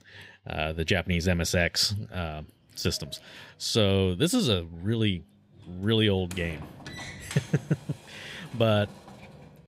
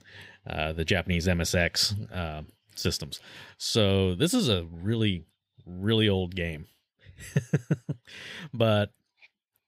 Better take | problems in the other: second | door banging; faint; from 3 s on; peak 10 dB below the speech

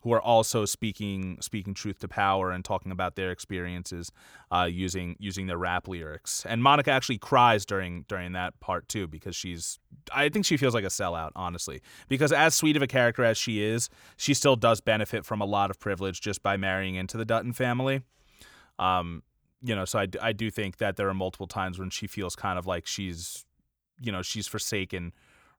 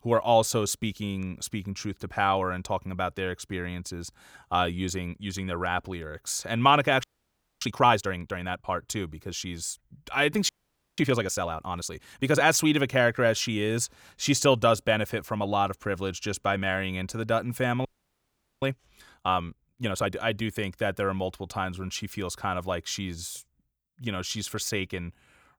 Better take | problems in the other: first | audio freezing; at 7 s for 0.5 s, at 10 s and at 18 s for 1 s

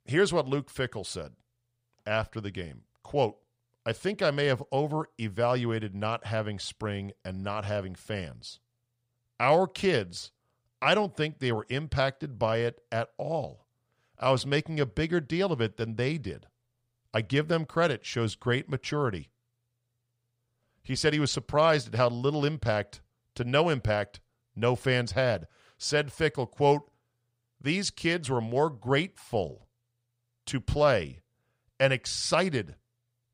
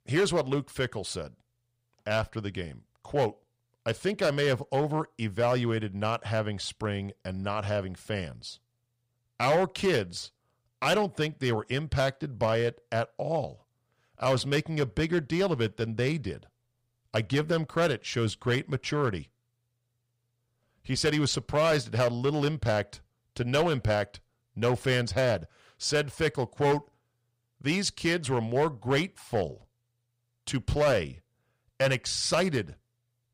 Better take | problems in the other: first | distortion; slight; 4% of the sound clipped

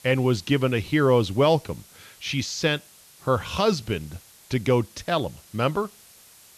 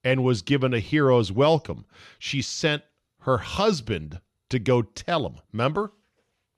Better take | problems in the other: second | hiss; faint; throughout; 25 dB below the speech

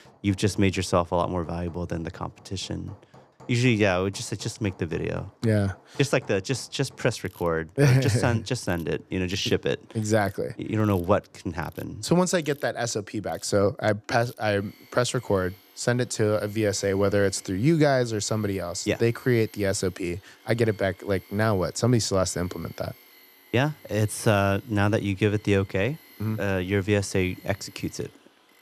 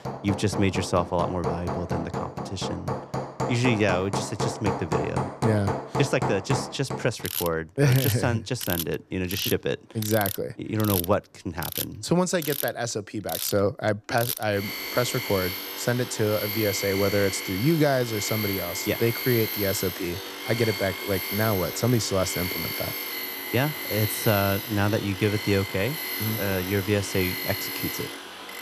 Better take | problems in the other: first | machinery noise; loud; throughout; 4 dB below the speech; faint in the first

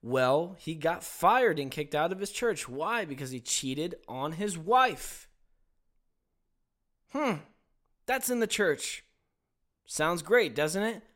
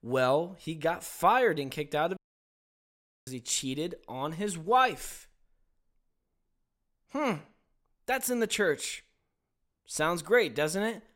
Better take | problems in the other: first | audio cutting out; at 2 s for 1 s

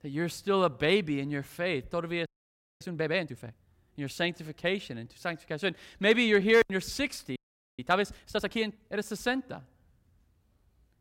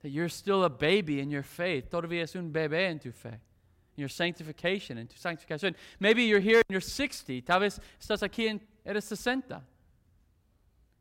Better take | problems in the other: second | audio freezing; at 2.5 s for 0.5 s and at 7.5 s

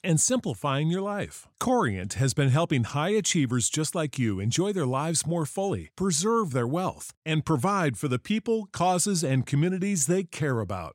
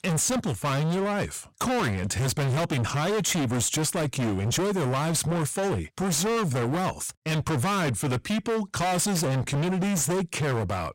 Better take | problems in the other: first | distortion; heavy; 43% of the sound clipped

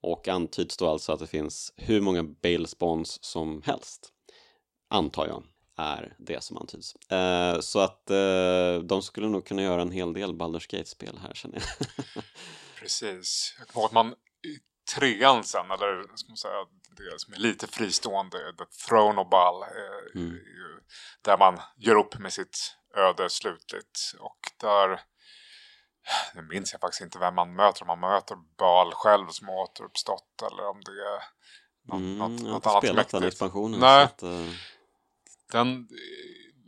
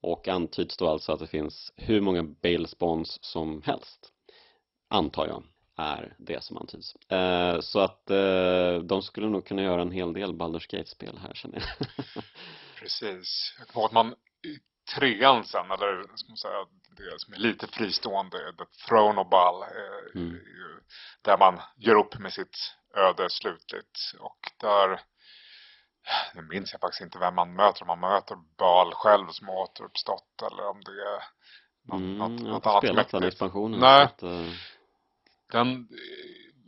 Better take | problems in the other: first | garbled, watery; badly; nothing above 5.5 kHz

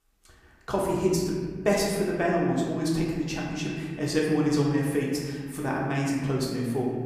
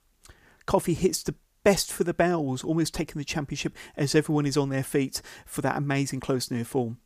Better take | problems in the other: second | room echo; noticeable; dies away in 1.6 s // off-mic speech; far

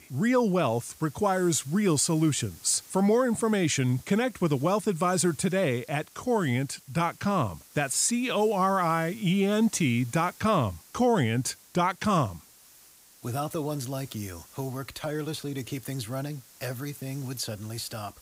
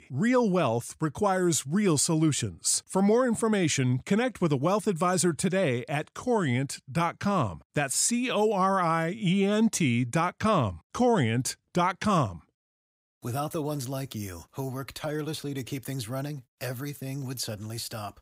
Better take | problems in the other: second | hiss; faint; throughout; 25 dB below the speech

